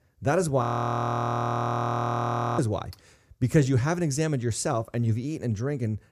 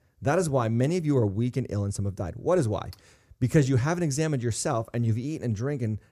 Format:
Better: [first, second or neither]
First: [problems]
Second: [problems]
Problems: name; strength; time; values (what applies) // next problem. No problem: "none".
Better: second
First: audio freezing; at 0.5 s for 2 s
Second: none